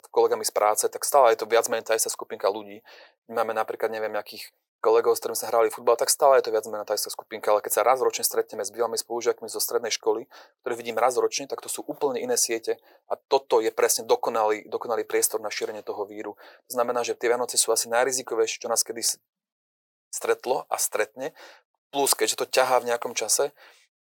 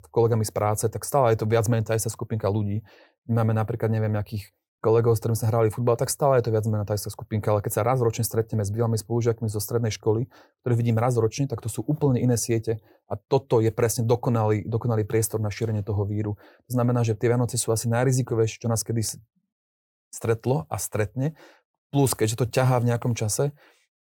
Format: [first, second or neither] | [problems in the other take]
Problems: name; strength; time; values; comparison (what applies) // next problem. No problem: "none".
second | thin; very; fading below 500 Hz